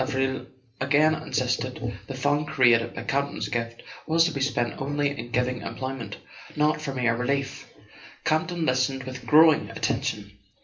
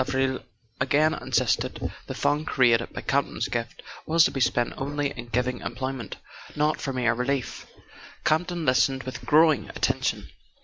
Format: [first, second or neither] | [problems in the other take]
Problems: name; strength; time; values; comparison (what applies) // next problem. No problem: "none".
second | room echo; dies away in 0.3 s